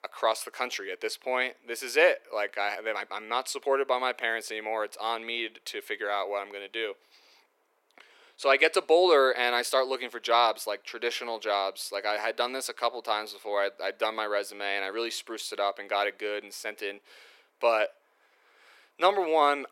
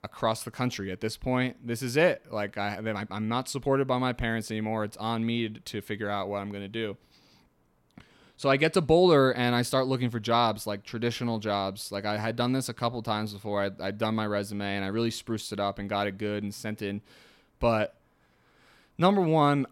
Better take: second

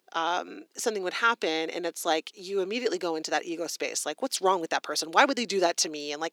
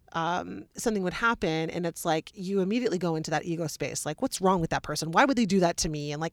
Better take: second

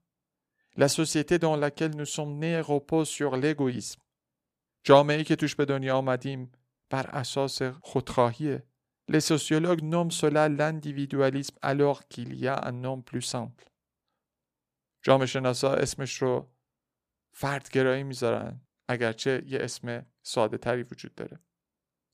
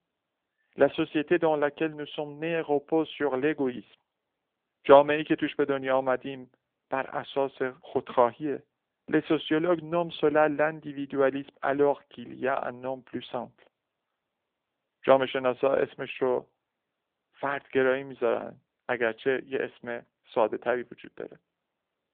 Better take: first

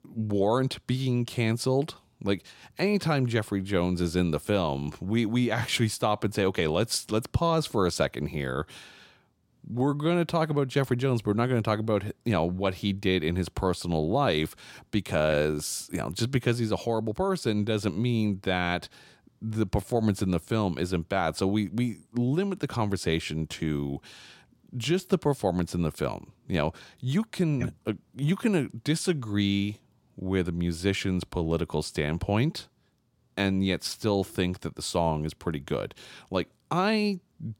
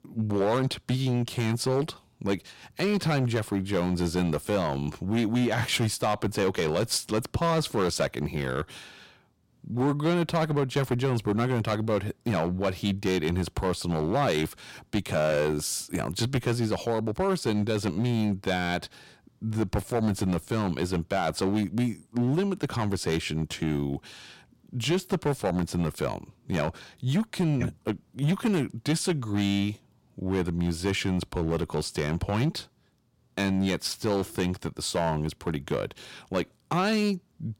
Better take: first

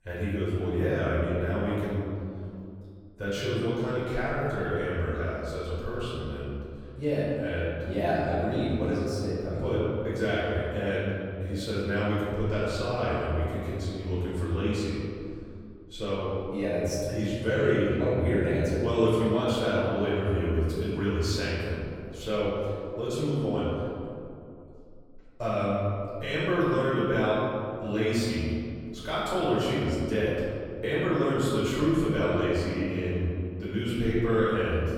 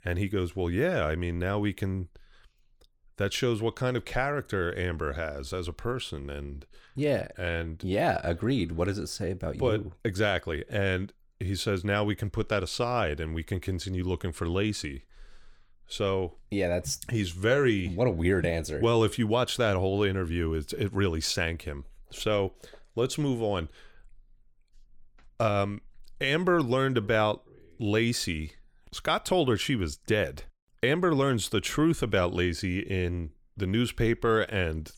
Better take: second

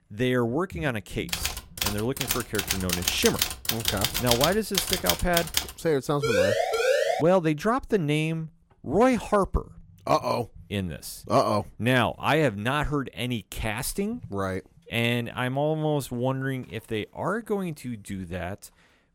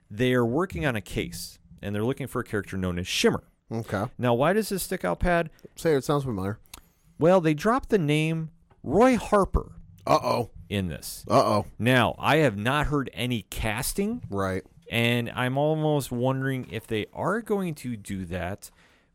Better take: second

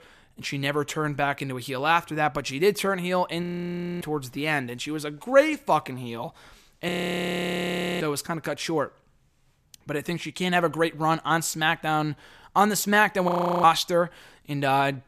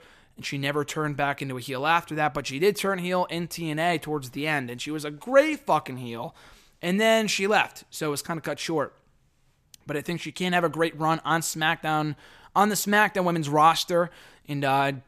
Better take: second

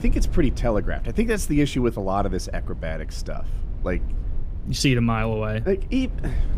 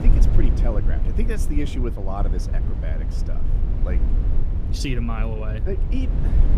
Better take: first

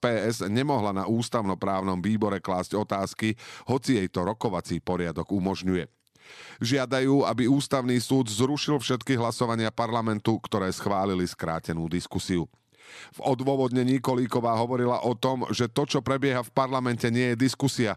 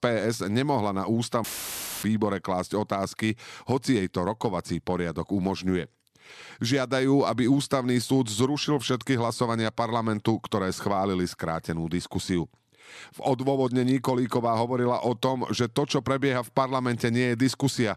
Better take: first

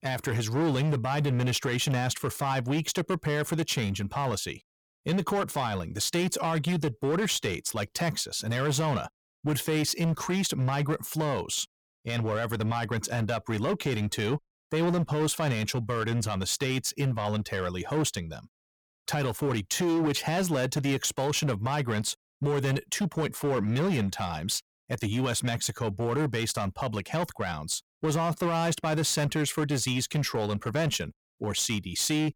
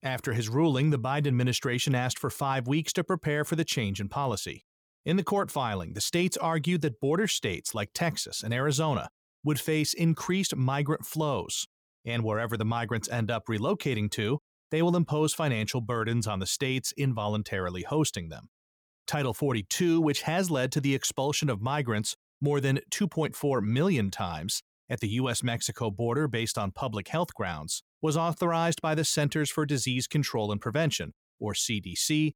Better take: second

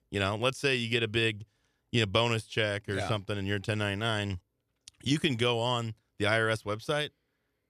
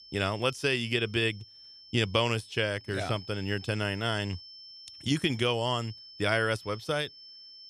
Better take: first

